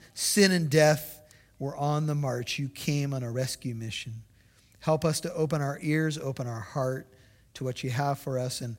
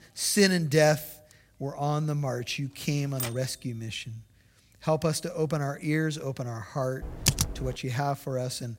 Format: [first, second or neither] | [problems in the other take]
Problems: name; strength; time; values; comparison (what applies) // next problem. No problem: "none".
first | keyboard typing; noticeable; at 3 s; peak 6 dB below the speech // keyboard typing; loud; at 7 s; peak 3 dB above the speech